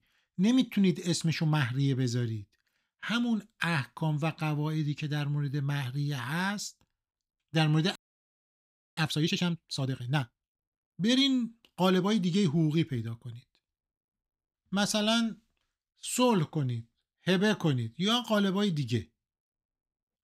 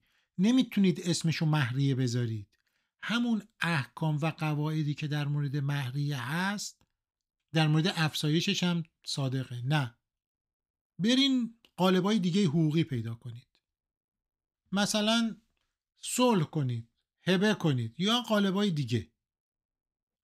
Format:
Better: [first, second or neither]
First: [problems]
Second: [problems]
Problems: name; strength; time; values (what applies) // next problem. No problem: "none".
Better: second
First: audio freezing; at 8 s for 1 s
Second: none